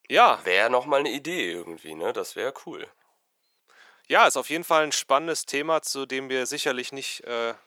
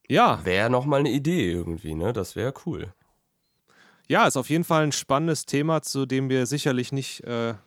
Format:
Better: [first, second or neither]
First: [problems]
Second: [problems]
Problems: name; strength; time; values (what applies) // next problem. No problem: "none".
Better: second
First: thin; very; fading below 550 Hz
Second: none